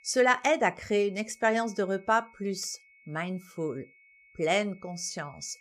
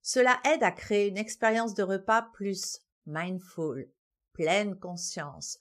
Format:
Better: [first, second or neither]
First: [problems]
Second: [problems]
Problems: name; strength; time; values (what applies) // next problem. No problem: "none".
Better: second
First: high-pitched whine; faint; throughout; 2 kHz, 30 dB below the speech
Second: none